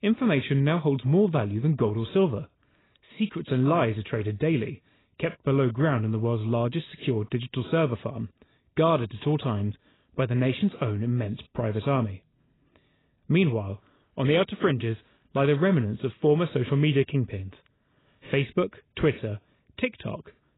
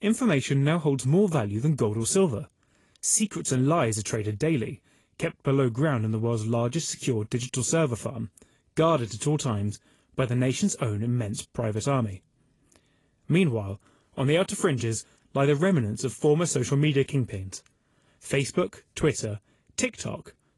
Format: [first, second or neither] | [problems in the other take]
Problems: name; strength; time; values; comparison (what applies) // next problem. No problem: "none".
second | garbled, watery; badly; nothing above 4 kHz; slightly in the second